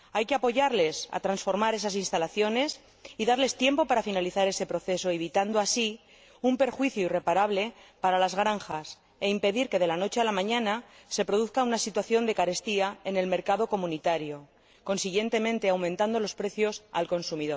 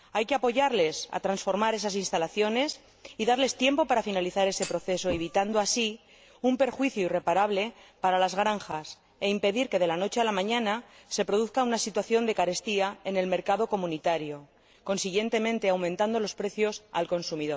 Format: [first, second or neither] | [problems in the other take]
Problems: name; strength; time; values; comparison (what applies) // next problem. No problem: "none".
first | background sound (Thump, thud); 13 dB below the speech